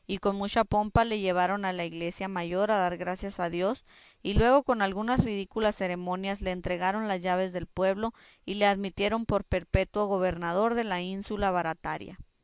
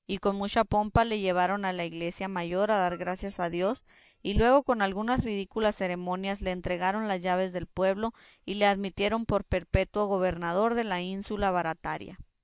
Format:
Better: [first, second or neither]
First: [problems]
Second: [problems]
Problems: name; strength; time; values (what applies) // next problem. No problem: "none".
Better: first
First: none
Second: noise reduction (neural mask model DeepFilterNet 3)